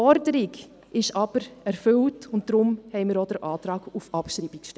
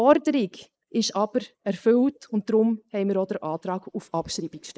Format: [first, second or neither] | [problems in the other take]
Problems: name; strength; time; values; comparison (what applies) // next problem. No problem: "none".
first | noise reduction (neural mask model Resemble Enhance denoiser)